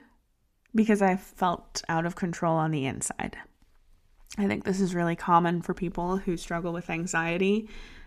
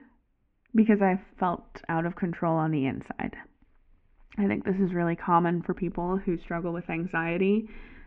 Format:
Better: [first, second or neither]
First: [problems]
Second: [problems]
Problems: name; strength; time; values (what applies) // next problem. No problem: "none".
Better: first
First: none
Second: muffled; very; fading above 2.5 kHz